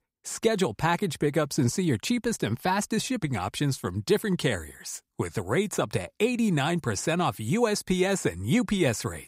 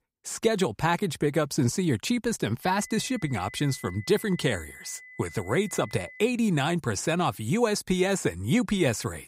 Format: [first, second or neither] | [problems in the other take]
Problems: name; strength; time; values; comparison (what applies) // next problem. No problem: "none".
first | high-pitched whine; noticeable; from 2.5 to 6 s; 2 kHz, 20 dB below the speech